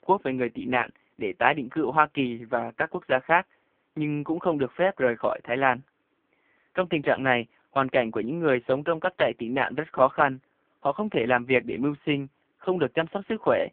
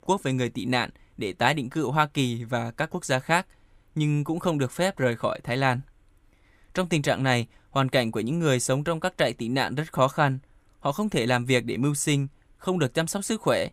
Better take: second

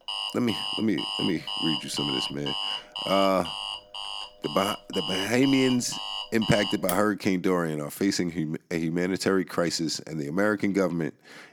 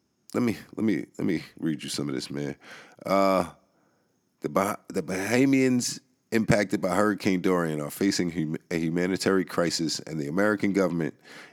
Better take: second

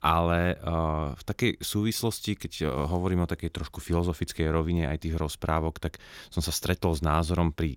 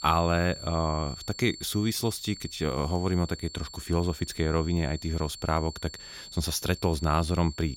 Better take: first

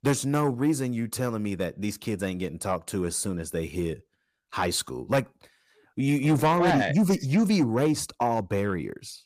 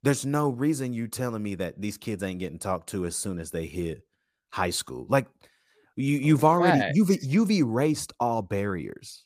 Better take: second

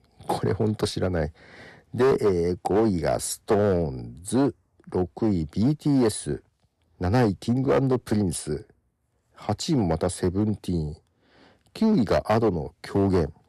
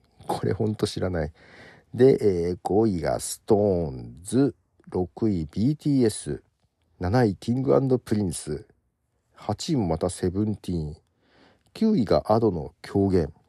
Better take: second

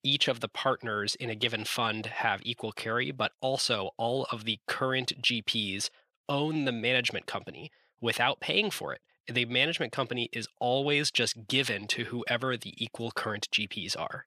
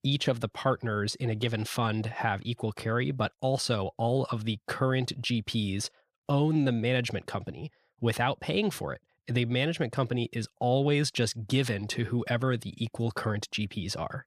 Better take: second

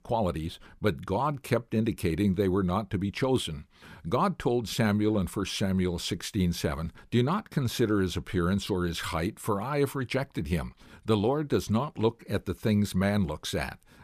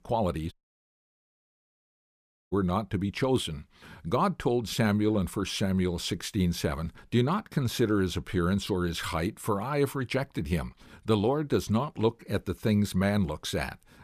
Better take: first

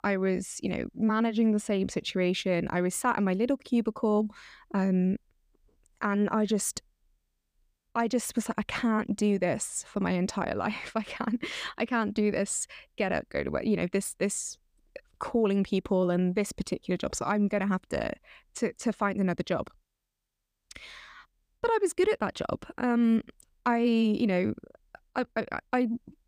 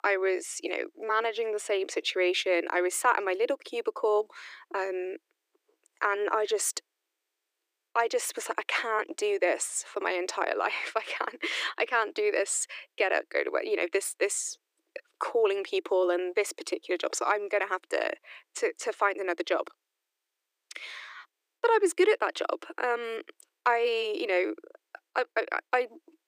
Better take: first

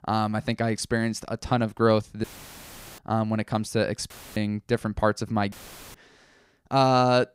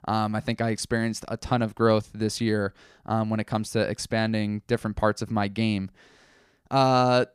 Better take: second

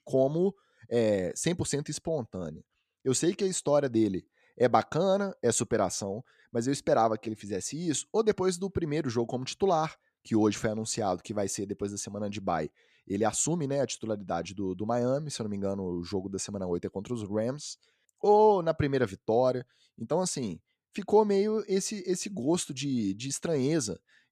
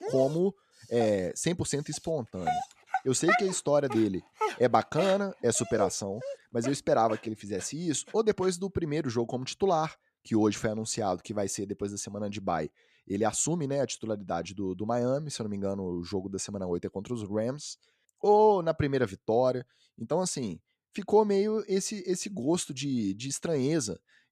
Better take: first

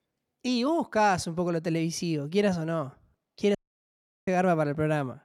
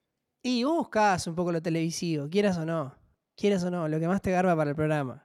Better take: second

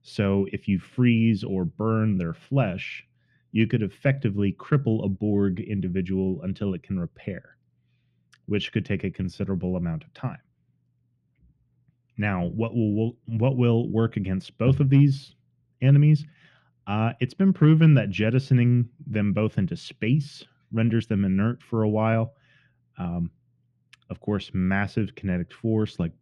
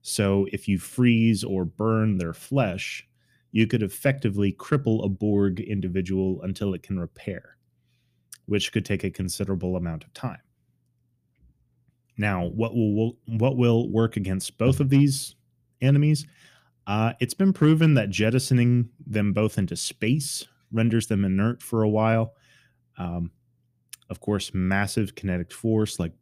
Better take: second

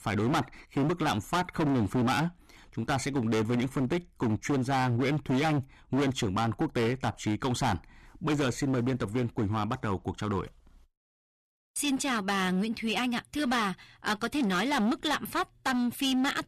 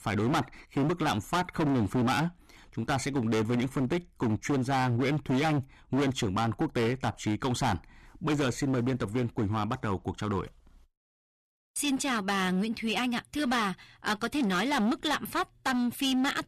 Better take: neither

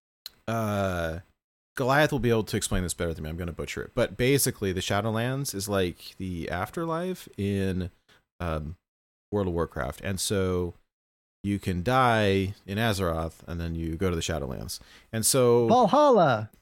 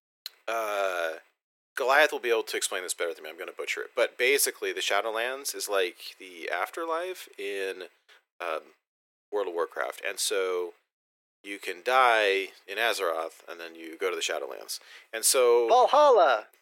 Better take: first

